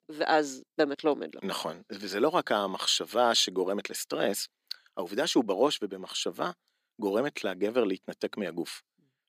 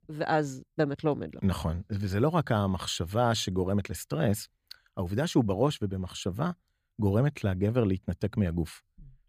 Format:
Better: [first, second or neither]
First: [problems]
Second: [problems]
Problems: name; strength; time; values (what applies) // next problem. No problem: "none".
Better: second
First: thin; somewhat; fading below 300 Hz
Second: none